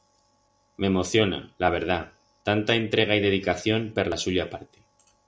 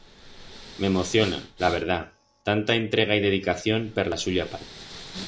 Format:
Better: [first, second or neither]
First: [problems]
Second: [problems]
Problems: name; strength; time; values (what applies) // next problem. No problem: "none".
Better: first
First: none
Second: background sound (Respiratory sounds); 17 dB below the speech